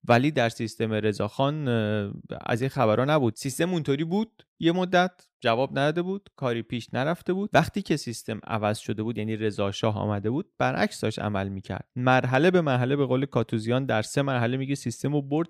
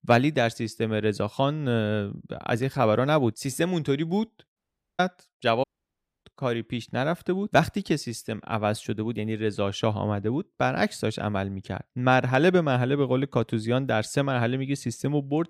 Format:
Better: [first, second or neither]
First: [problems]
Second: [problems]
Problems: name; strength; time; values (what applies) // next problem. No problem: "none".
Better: first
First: none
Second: audio cutting out; at 4.5 s and at 5.5 s for 0.5 s